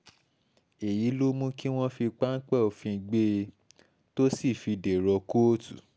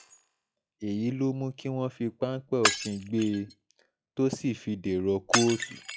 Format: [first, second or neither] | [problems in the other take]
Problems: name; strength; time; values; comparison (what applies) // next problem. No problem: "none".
first | noise reduction (classical method log-MMSE)